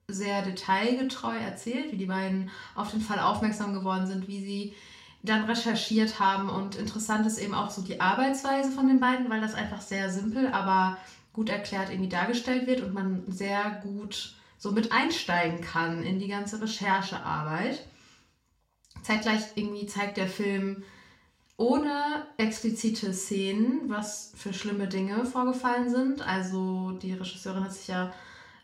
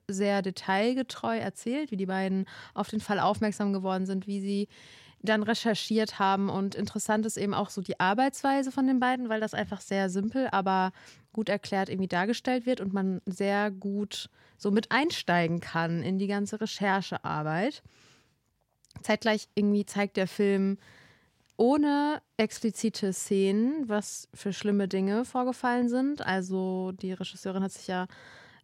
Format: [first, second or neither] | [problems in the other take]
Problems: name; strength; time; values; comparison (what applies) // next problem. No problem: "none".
second | room echo; slight; dies away in 0.4 s // off-mic speech; somewhat distant